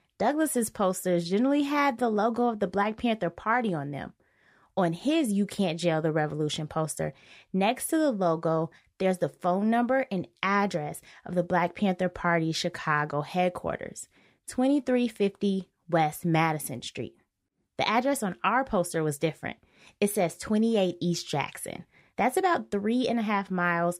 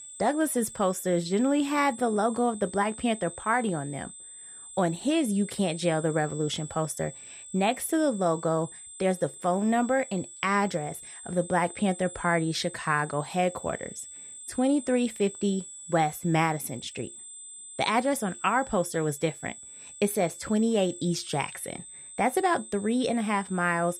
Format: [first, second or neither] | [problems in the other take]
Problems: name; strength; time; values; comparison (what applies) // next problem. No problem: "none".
first | high-pitched whine; noticeable; throughout; 8 kHz, 15 dB below the speech